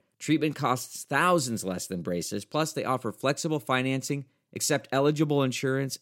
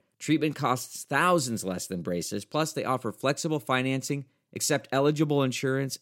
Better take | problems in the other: neither | none

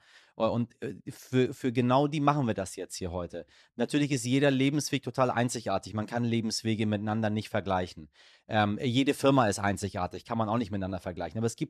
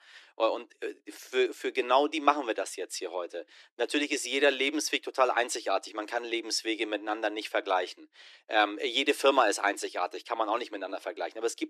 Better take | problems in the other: first | thin; very; fading below 300 Hz

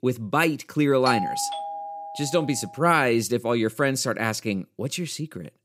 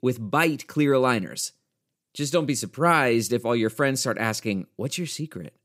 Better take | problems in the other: second | doorbell; noticeable; from 1 to 2.5 s; peak 3 dB below the speech

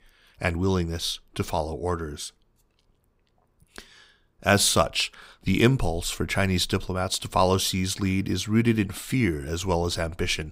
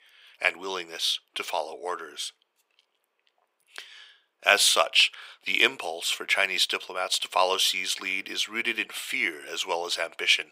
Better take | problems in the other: first | thin; very; fading below 500 Hz

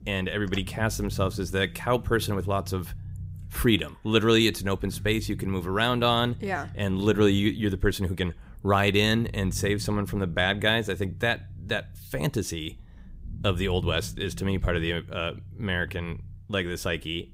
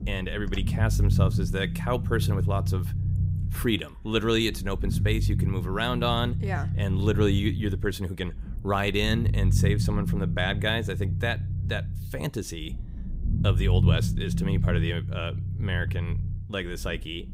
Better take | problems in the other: first | low rumble; loud; throughout; 10 dB below the speech; faint in the first

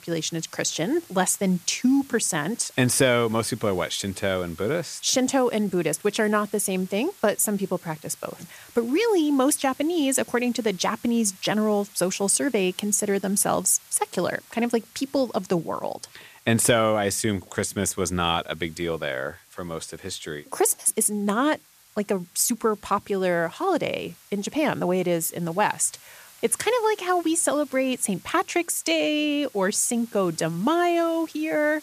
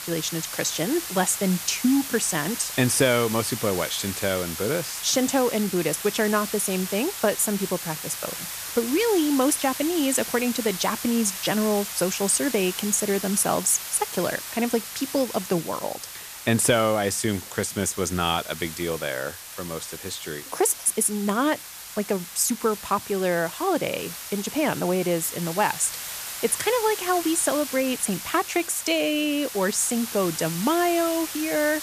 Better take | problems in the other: first | hiss; loud; throughout; 8 dB below the speech; faint in the first

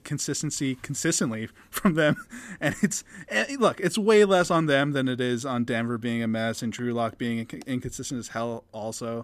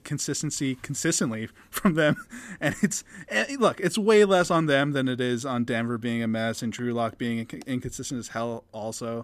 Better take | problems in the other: neither | none

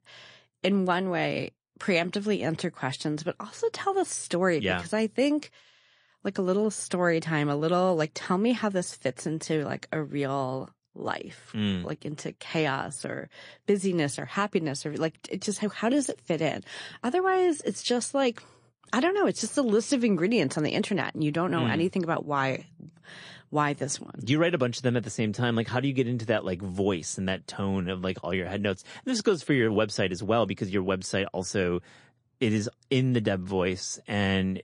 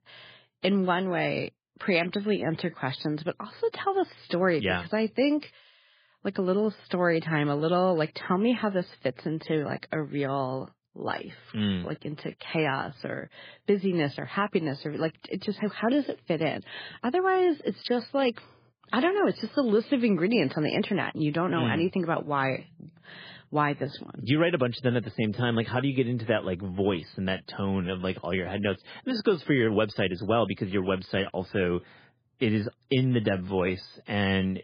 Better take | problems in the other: first | garbled, watery; badly; slightly in the first

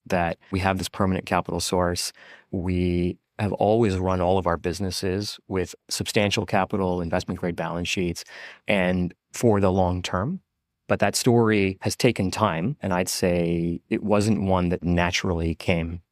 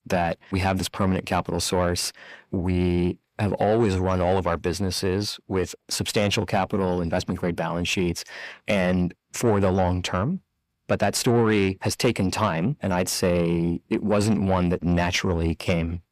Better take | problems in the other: first | distortion; slight; 10 dB below the speech

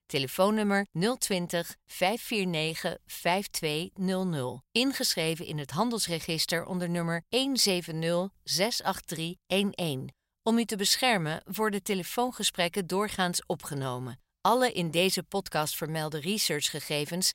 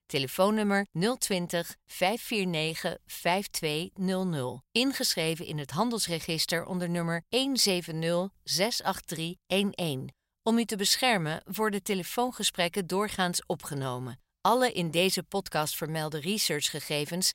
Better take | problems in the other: neither | none

